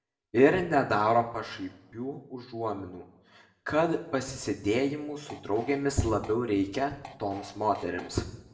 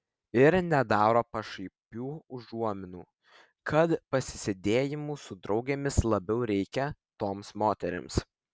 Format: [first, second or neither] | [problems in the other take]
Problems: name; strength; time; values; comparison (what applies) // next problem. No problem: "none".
second | background sound (Fart); 19 dB below the speech // room echo; dies away in 0.7 s